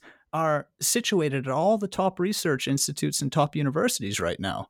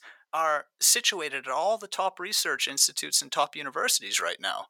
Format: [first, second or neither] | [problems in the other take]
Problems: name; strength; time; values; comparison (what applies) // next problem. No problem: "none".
first | thin; very; fading below 900 Hz